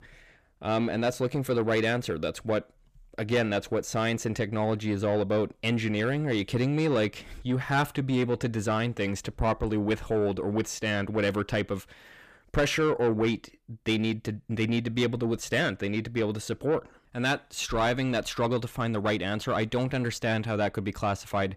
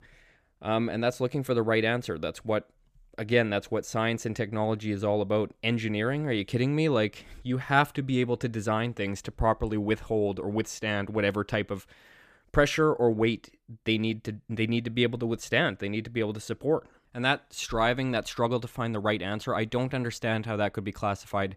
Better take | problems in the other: second | distortion; slight; 10 dB below the speech

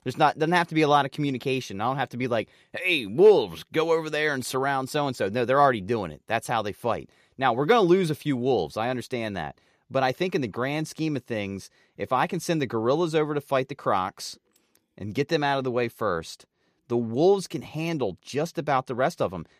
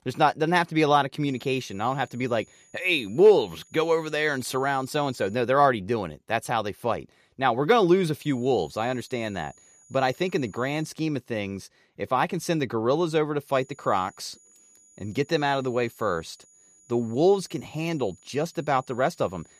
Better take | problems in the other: first | high-pitched whine; faint; from 1.5 to 5.5 s, from 8 to 11 s and from 14 s on; 7 kHz, 30 dB below the speech

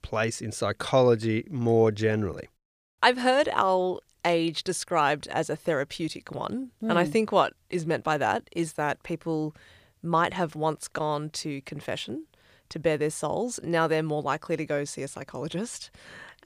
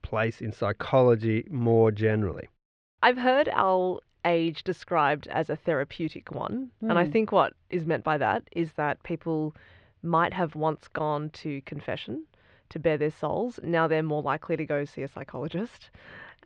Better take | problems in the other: first | muffled; slightly; fading above 3 kHz

